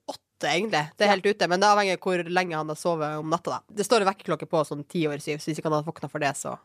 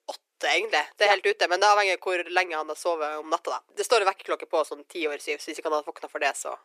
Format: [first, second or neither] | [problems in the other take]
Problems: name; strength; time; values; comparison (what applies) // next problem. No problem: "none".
first | thin; very; fading below 350 Hz